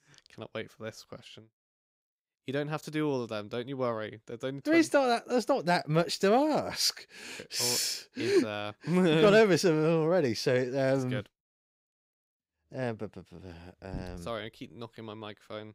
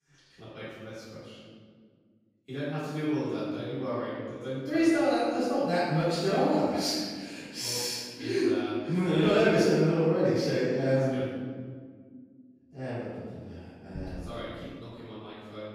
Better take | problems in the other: first | off-mic speech; far // room echo; strong; dies away in 1.6 s

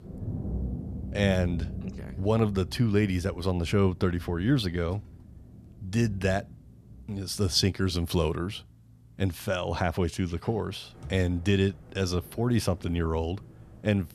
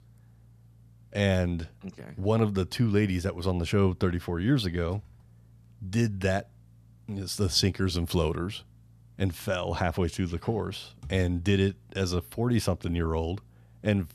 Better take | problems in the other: second | rain or running water; noticeable; throughout; 15 dB below the speech

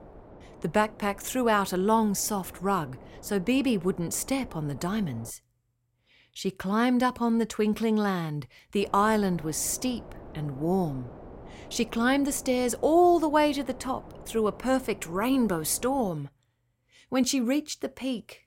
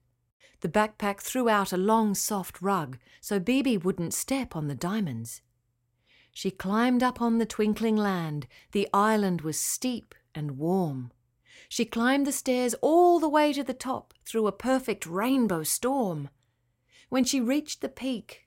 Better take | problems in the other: second | wind noise on the microphone; occasional gusts; until 5.5 s and from 9 to 16 s; 20 dB below the speech

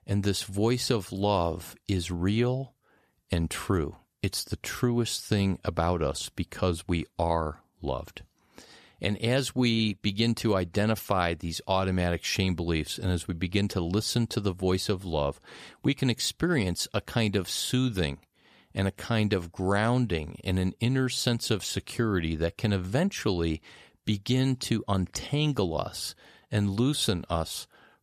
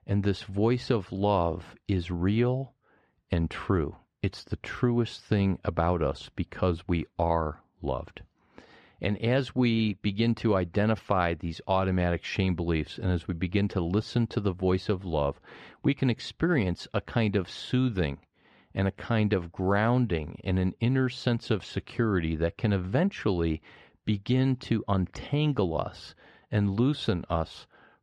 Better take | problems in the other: first | muffled; slightly; fading above 2.5 kHz

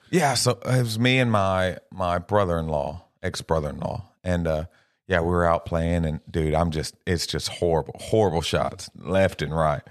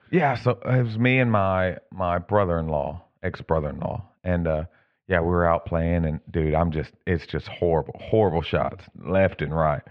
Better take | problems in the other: first | muffled; very; fading above 2.5 kHz

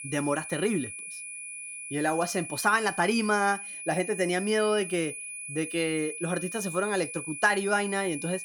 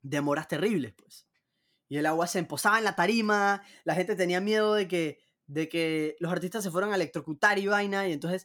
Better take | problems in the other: second | high-pitched whine; loud; throughout; 2.5 kHz, 8 dB below the speech

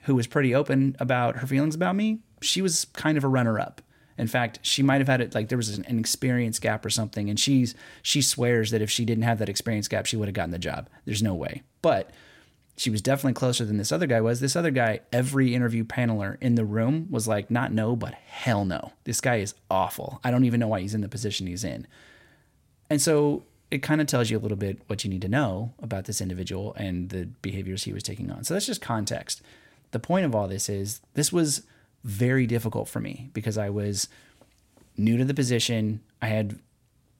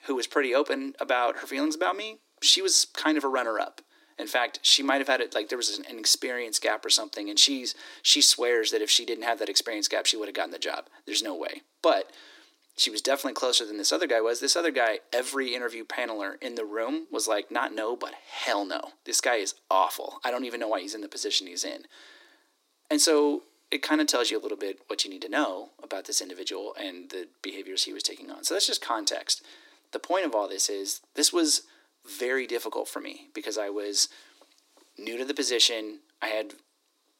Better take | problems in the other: first | thin; somewhat; fading below 300 Hz

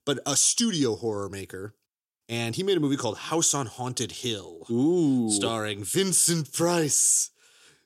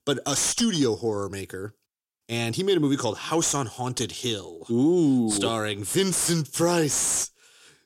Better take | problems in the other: first | distortion; slight; 10 dB below the speech

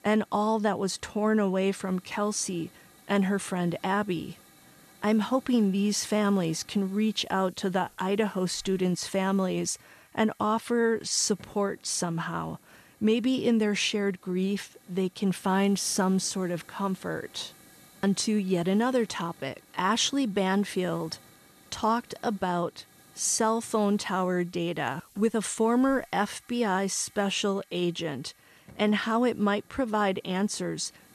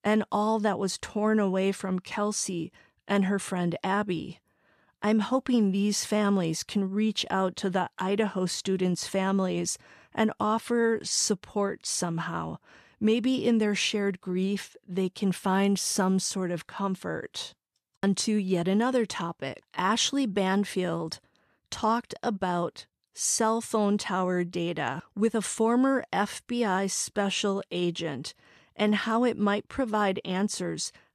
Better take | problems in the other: second | hiss; faint; throughout; 25 dB below the speech

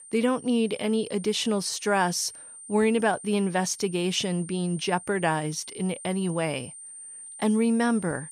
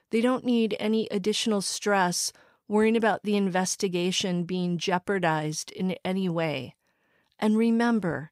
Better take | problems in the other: second | high-pitched whine; noticeable; throughout; 9 kHz, 15 dB below the speech

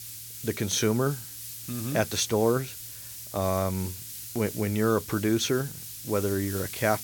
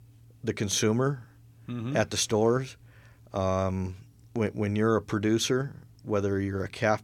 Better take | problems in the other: second | hiss; loud; throughout; 9 dB below the speech

